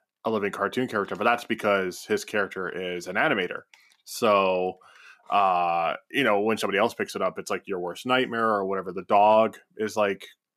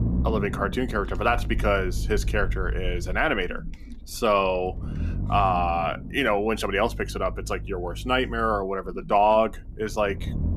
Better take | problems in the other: first | low rumble; faint; throughout; 20 dB below the speech

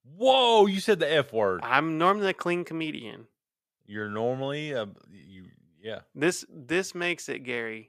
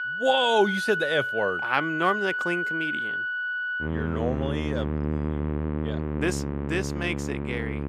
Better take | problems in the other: first | background music; loud; throughout; 1 dB below the speech

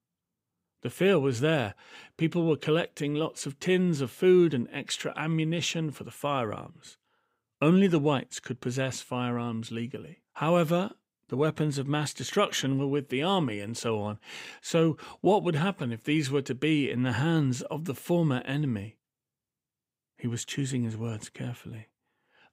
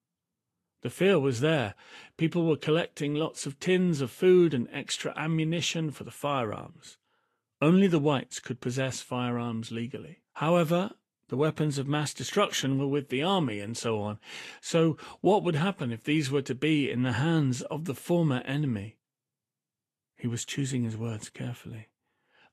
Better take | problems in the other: first | garbled, watery; slightly; nothing above 13 kHz

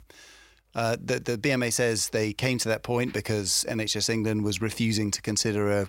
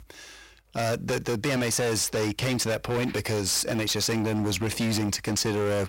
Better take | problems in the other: first | distortion; heavy; 28% of the sound clipped

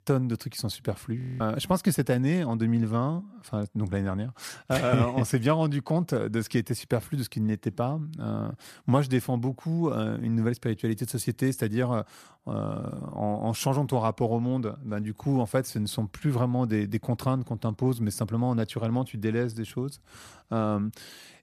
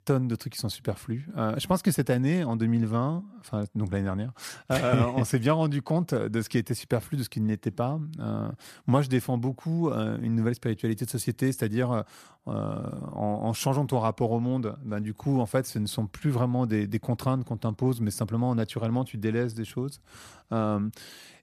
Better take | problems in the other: second | audio freezing; at 1 s

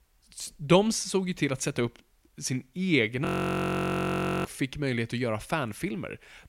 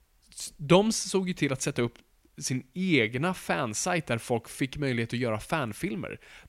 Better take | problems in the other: second | audio freezing; at 3.5 s for 1 s

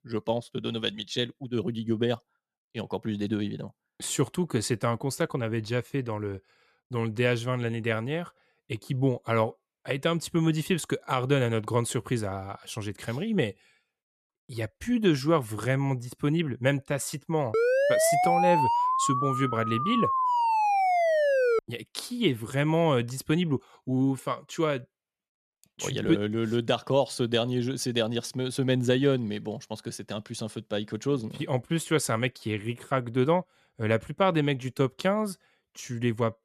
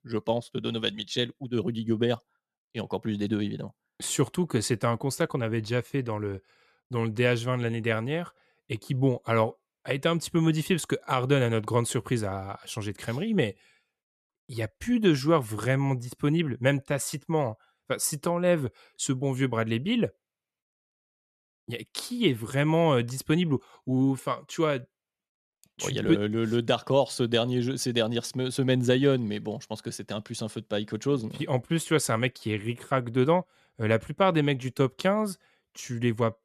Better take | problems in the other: second | siren; loud; from 18 to 22 s; peak 5 dB above the speech

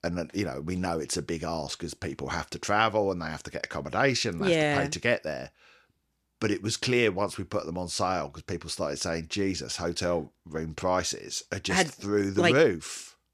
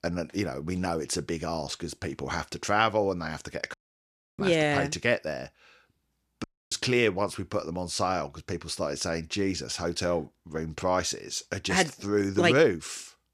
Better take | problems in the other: first | audio cutting out; at 3.5 s for 0.5 s and at 6.5 s

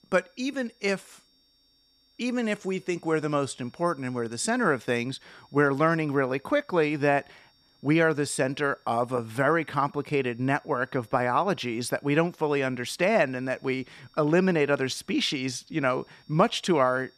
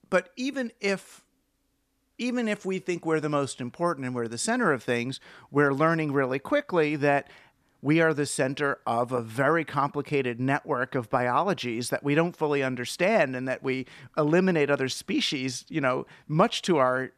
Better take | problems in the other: second | high-pitched whine; faint; throughout; 5.5 kHz, 35 dB below the speech

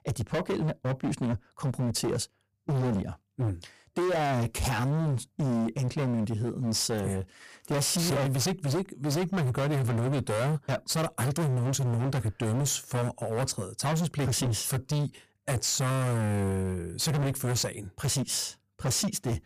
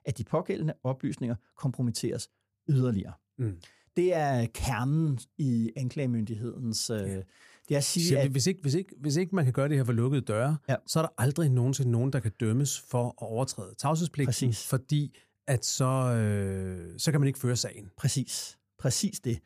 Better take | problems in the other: second | distortion; heavy; 31% of the sound clipped

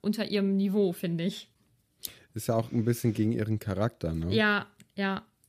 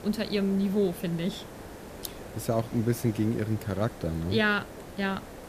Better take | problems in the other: first | hiss; noticeable; throughout; 15 dB below the speech

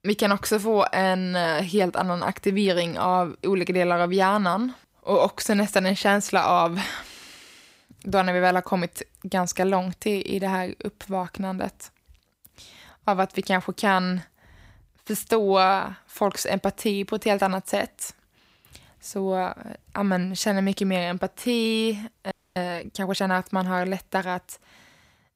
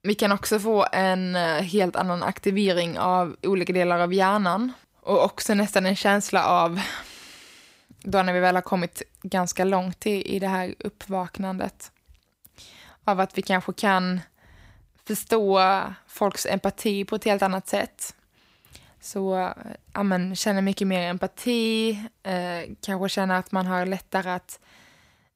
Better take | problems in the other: second | audio freezing; at 22 s

